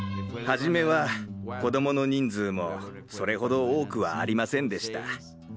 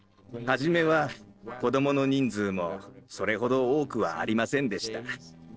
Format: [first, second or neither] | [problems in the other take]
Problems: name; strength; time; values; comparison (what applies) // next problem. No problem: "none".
first | noise reduction (neural separator model SepFormer DNS4)